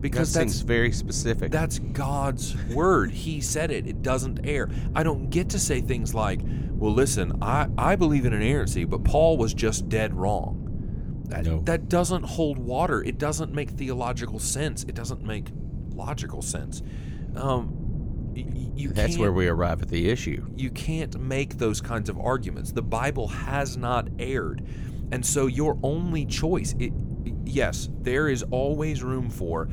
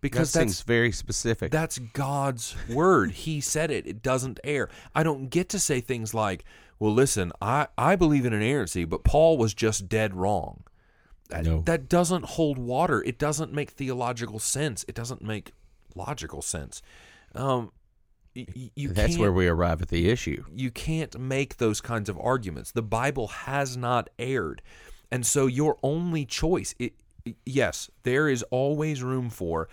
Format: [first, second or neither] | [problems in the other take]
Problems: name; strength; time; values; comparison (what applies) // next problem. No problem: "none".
second | wind noise on the microphone; occasional gusts; 15 dB below the speech